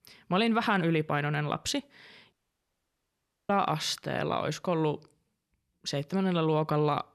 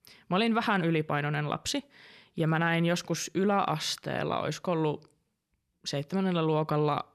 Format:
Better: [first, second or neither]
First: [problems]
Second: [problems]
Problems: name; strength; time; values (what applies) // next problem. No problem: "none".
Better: second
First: audio cutting out; at 2.5 s for 1 s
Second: none